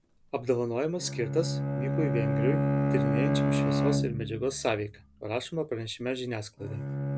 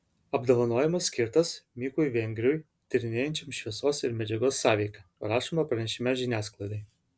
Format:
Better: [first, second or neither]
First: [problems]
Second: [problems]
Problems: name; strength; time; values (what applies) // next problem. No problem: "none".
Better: second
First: background sound (Bowed string instrument); 2 dB above the speech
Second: none